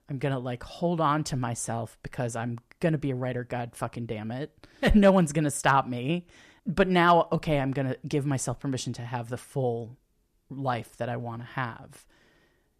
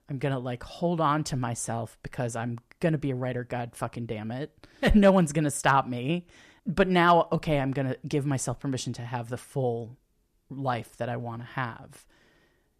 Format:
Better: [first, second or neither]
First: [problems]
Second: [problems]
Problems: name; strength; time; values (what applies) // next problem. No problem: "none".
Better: neither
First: none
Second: none